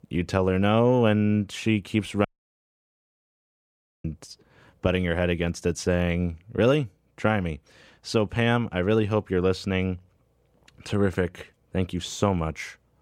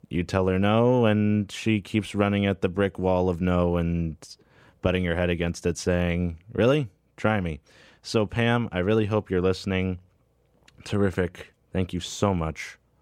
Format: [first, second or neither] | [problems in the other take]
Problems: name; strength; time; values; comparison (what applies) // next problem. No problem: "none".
second | audio cutting out; at 2.5 s for 2 s